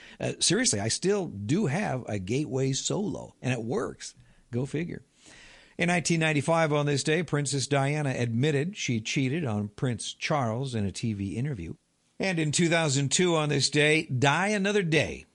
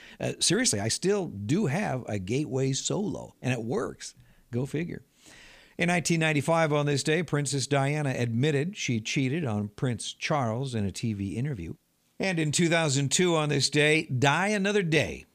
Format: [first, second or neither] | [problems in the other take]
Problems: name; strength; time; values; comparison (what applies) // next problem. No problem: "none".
second | garbled, watery; slightly; nothing above 9 kHz